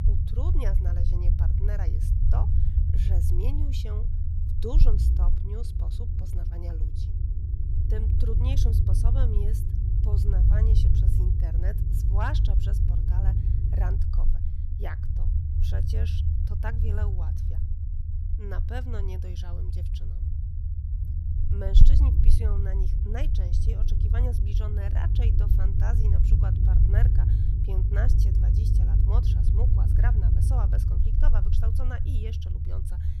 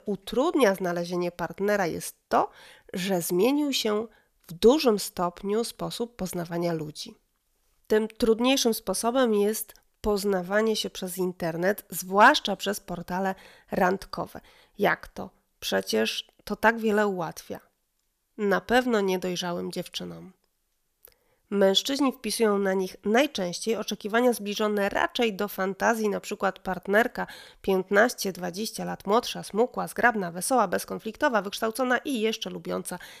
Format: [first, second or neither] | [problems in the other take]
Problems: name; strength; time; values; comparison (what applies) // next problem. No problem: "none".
second | low rumble; loud; throughout; as loud as the speech